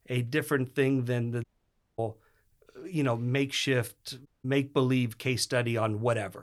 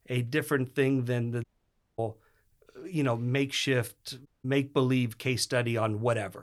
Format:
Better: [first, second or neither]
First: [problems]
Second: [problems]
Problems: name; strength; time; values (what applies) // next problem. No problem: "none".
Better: neither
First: audio cutting out; at 1.5 s for 0.5 s and at 4.5 s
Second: audio cutting out; at 1.5 s for 0.5 s and at 4.5 s